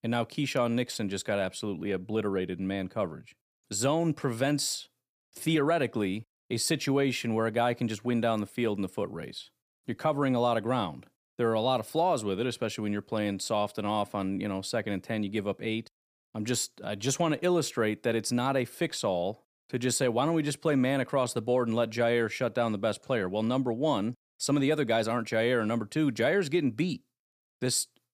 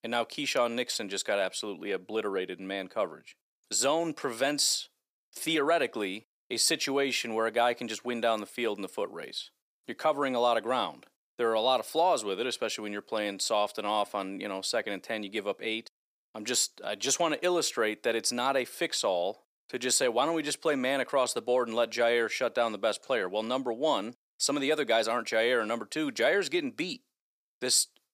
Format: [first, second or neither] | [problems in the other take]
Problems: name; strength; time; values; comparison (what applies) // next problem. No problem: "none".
first | thin; somewhat; fading below 400 Hz